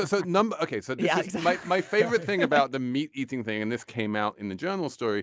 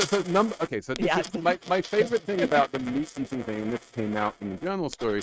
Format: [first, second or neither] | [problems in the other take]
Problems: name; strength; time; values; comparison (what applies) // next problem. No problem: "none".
first | noise reduction (neural mask model RNNoise)